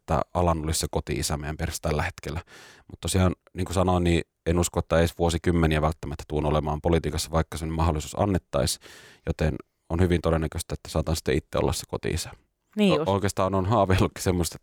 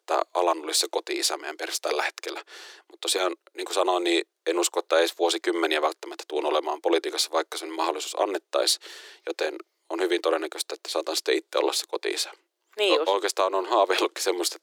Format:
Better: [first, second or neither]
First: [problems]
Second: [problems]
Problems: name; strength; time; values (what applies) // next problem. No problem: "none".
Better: first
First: none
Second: thin; very; fading below 350 Hz